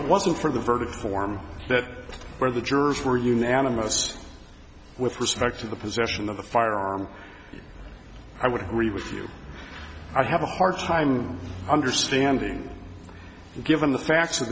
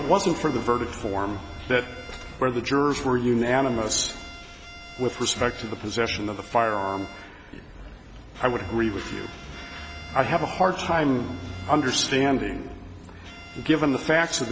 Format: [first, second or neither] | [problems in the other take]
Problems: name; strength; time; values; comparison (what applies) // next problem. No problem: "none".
first | background sound (Bowed string instrument); 20 dB below the speech